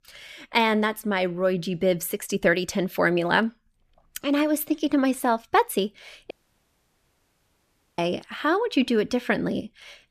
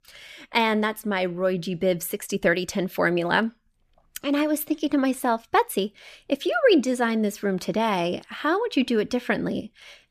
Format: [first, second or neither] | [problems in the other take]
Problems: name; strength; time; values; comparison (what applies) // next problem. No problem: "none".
second | audio cutting out; at 6.5 s for 1.5 s